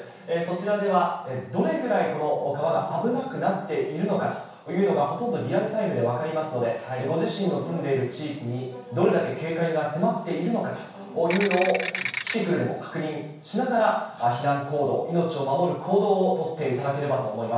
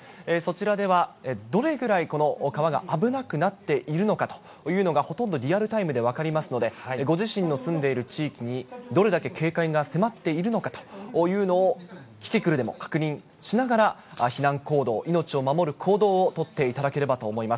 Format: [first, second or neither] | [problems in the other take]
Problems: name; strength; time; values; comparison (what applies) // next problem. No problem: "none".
second | background sound (Ratchet, pawl / Percussion); 5 dB below the speech // room echo; dies away in 0.7 s